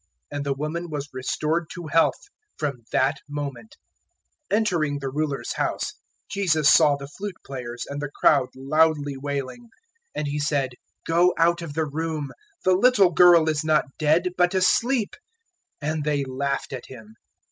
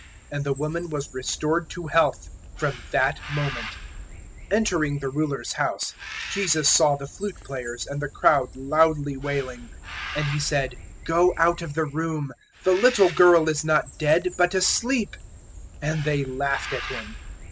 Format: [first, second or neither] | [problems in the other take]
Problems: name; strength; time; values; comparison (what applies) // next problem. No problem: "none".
first | background sound (Bird); 14 dB below the speech